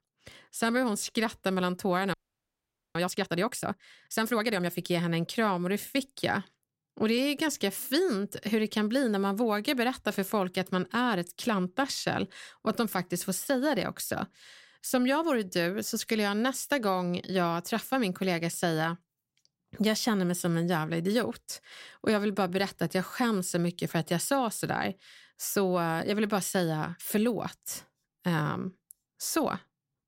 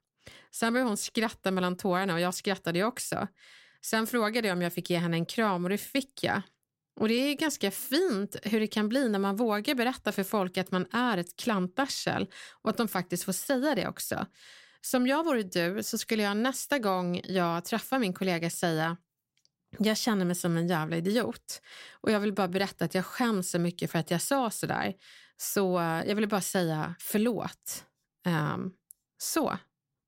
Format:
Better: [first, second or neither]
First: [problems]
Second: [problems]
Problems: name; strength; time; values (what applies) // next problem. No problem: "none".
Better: second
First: audio freezing; at 2 s for 1 s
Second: none